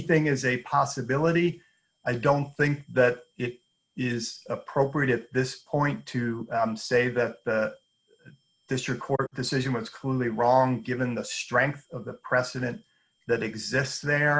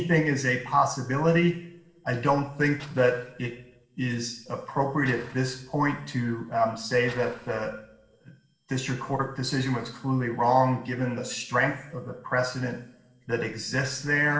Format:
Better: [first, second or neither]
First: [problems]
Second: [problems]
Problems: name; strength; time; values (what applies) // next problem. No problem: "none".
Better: first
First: none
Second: noise reduction (neural separator model SepFormer DNS4)